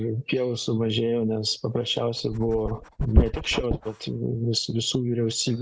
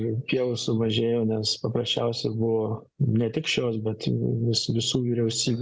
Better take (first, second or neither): second